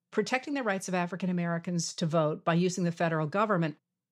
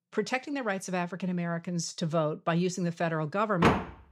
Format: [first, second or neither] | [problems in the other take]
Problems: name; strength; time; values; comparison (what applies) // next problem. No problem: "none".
first | door banging; loud; at 3.5 s; peak 5 dB above the speech